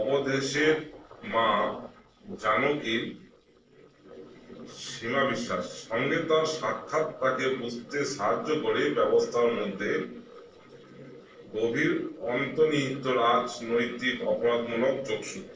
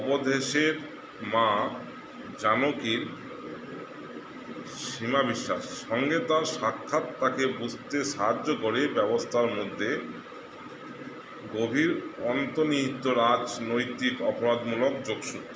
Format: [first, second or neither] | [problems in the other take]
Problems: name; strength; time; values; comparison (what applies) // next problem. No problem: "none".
second | noise reduction (neural separator model SepFormer DNS4)